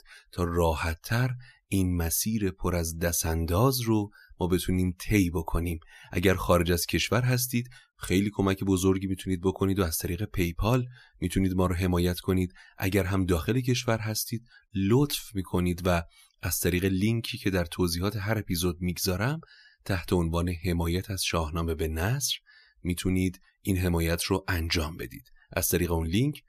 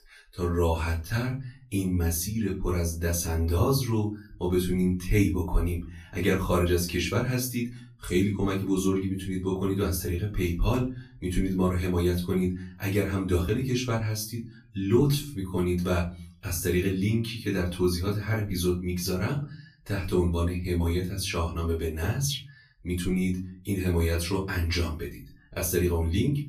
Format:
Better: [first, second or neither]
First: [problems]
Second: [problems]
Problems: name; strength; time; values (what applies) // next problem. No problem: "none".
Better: first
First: none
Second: off-mic speech; far // room echo; very slight; dies away in 0.3 s